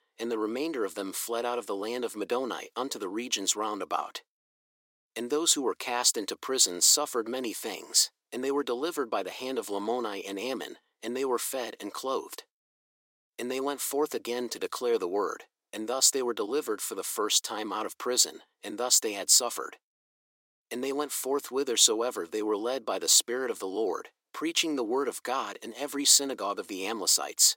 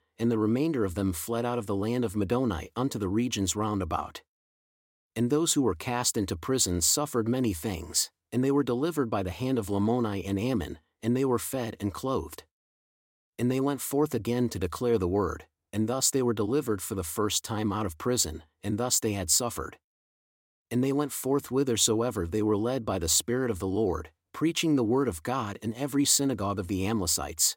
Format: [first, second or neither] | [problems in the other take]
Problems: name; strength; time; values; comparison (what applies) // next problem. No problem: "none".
second | thin; somewhat; fading below 400 Hz